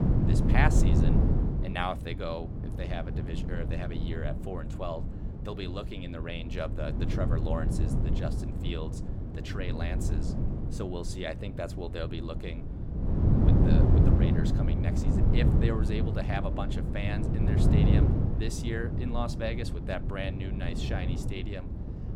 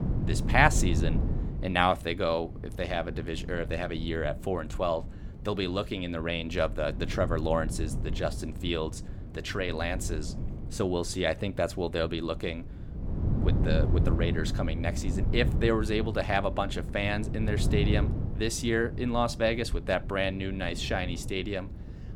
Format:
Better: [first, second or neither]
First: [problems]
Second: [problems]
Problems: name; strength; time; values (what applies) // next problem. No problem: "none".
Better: second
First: wind noise on the microphone; heavy; 1 dB below the speech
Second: wind noise on the microphone; occasional gusts; 15 dB below the speech